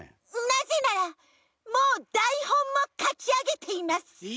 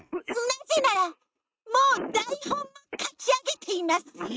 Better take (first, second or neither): first